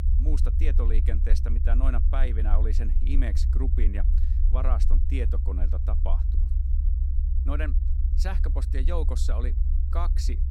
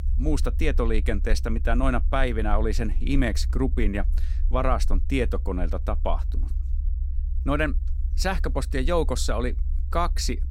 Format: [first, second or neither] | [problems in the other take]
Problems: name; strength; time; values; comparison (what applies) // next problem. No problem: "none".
second | low rumble; loud; throughout; 7 dB below the speech; faint in the second